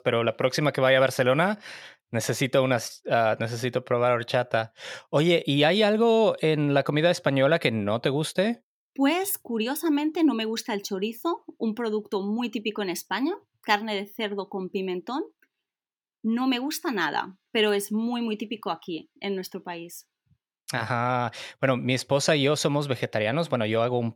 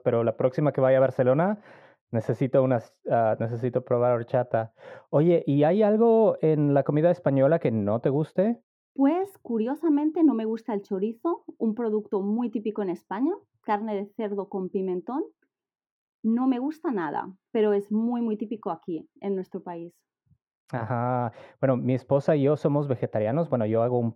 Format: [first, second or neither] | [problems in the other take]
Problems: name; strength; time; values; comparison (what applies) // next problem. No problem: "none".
first | muffled; very; fading above 2 kHz